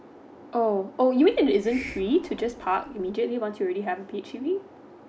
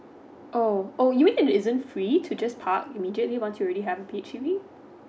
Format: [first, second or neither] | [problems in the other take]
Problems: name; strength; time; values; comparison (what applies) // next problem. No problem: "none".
second | background sound (Hiss); 17 dB below the speech